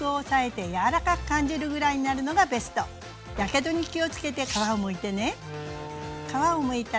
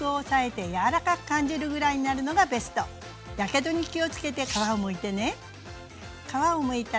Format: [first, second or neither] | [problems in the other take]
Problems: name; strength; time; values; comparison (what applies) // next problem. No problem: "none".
second | background sound (Slam); 15 dB below the speech